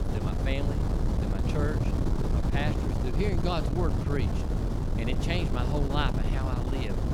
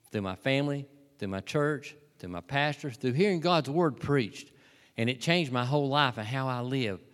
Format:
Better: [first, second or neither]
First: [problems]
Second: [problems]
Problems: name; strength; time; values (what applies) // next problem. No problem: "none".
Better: second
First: wind noise on the microphone; heavy; 2 dB below the speech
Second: none